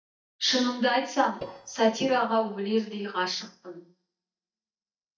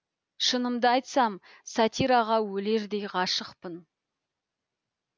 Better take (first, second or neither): second